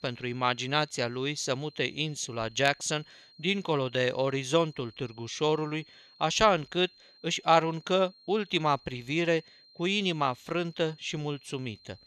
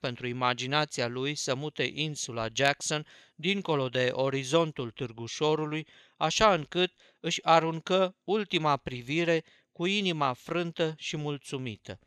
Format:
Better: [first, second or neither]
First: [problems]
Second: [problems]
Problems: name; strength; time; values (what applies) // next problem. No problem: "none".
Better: second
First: high-pitched whine; faint; throughout; 4 kHz, 25 dB below the speech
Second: none